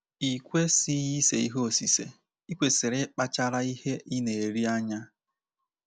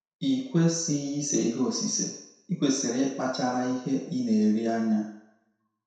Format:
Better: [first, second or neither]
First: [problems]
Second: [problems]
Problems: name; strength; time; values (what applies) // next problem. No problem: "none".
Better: first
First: none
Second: room echo; dies away in 0.7 s